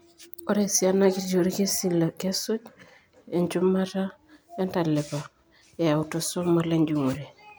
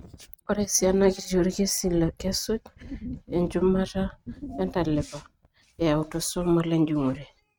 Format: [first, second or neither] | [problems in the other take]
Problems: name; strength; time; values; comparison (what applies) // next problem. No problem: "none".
first | noise reduction (neural mask model RNNoise)